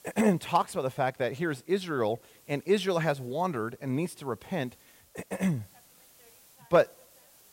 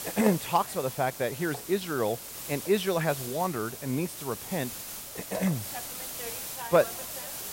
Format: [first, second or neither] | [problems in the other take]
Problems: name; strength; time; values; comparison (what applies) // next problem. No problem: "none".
first | hiss; loud; throughout; 7 dB below the speech; faint in the first